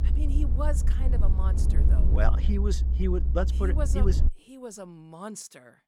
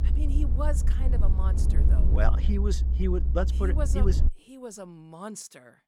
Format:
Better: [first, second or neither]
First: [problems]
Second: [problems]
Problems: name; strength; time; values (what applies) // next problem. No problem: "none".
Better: neither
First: low rumble; loud; until 4.5 s; 7 dB below the speech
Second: low rumble; loud; until 4.5 s; 7 dB below the speech